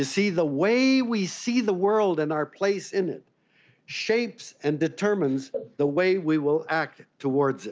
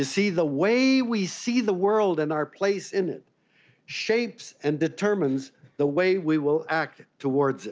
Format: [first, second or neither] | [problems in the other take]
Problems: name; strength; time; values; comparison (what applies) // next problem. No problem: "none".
second | noise reduction (neural mask model Resemble Enhance denoiser)